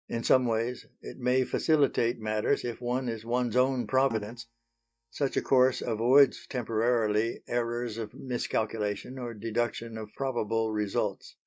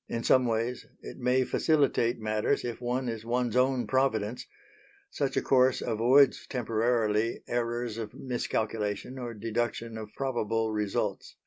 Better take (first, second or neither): second